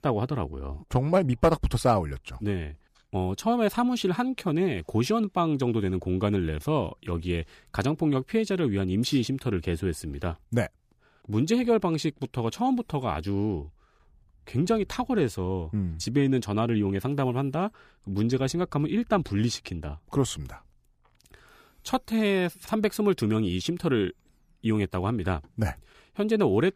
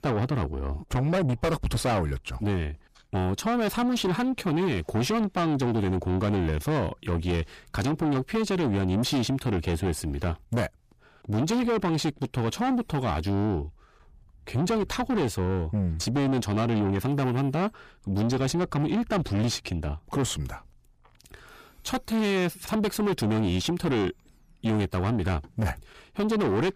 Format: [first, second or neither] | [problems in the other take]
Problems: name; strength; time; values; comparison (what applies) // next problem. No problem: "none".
first | distortion; heavy; 7 dB below the speech